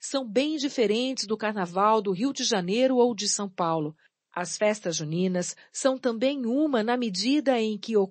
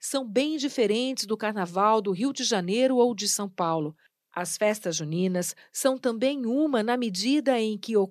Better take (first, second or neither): second